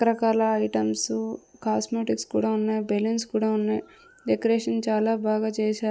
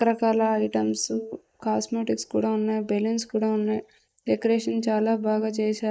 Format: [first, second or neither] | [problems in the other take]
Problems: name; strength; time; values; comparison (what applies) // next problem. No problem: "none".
first | noise reduction (neural mask model Resemble Enhance denoiser)